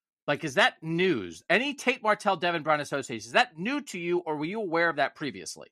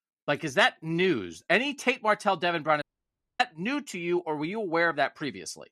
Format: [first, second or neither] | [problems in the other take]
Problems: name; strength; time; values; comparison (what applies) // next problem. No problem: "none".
first | audio cutting out; at 3 s for 0.5 s